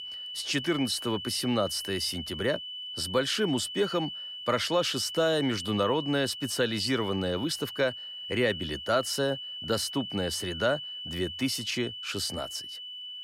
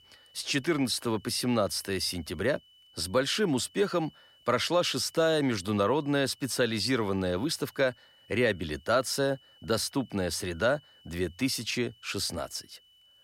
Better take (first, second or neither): second